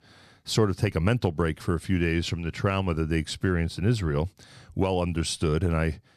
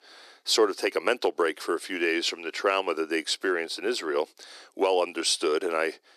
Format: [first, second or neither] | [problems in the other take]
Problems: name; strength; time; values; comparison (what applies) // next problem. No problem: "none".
first | thin; very; fading below 350 Hz